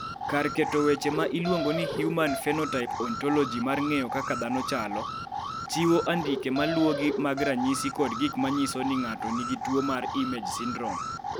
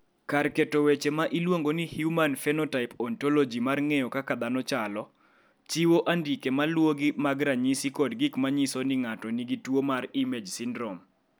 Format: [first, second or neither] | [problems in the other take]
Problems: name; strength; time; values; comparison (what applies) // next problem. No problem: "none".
second | background sound (Alarm); 5 dB below the speech